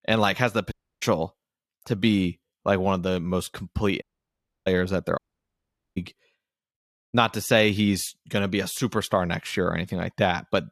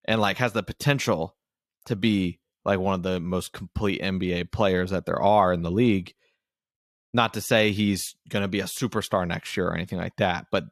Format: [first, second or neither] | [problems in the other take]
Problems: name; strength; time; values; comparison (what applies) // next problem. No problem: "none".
second | audio cutting out; at 0.5 s, at 4 s for 0.5 s and at 5 s for 1 s